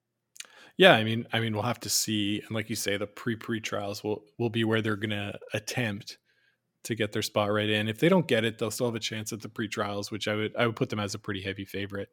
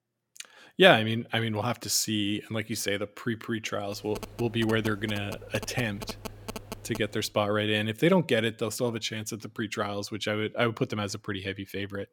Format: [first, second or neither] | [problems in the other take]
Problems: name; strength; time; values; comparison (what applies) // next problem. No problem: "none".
first | phone ringing; faint; from 4 to 7 s; peak 10 dB below the speech